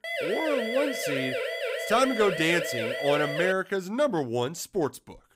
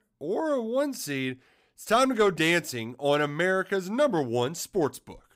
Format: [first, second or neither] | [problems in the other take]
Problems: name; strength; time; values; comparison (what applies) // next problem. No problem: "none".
second | siren; noticeable; until 3.5 s; peak 2 dB below the speech